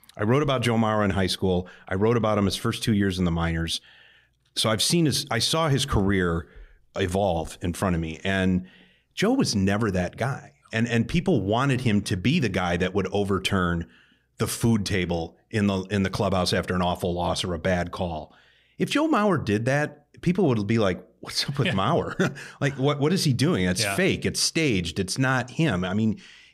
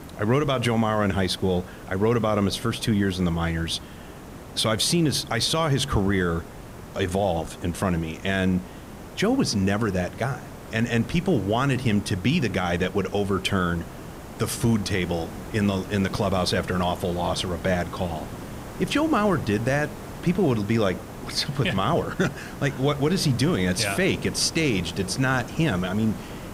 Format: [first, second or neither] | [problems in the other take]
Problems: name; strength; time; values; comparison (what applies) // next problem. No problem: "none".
first | hiss; noticeable; throughout; 15 dB below the speech